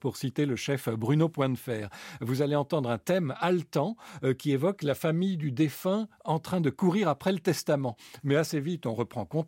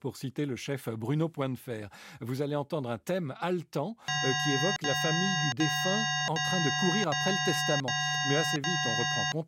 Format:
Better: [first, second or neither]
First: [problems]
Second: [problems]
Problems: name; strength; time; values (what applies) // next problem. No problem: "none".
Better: first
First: none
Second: alarm; loud; from 4 s on; peak 5 dB above the speech